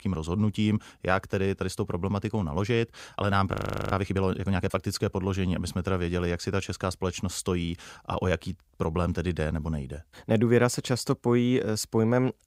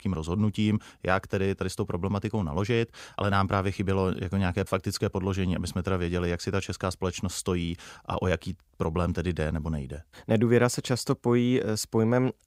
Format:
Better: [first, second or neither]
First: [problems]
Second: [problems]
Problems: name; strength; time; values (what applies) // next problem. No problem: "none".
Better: second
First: audio freezing; at 3.5 s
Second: none